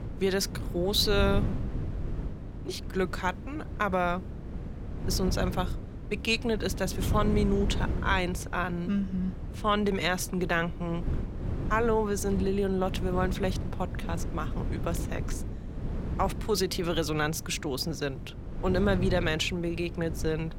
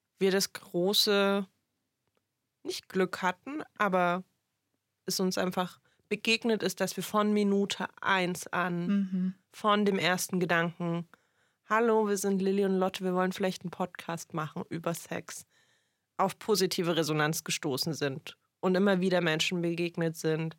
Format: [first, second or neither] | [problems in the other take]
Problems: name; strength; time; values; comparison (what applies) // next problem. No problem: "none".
second | wind noise on the microphone; occasional gusts; 15 dB below the speech